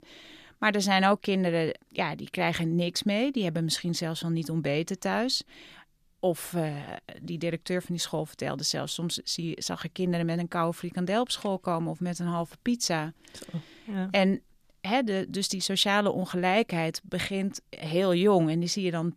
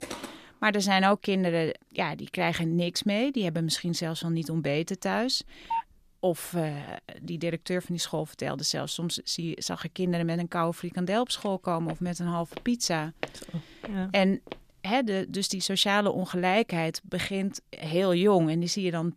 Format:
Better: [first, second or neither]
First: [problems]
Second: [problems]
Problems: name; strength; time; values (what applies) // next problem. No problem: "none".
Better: first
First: none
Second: footsteps; faint; at the start and from 12 to 15 s; peak 10 dB below the speech // phone ringing; noticeable; at 5.5 s; peak 5 dB below the speech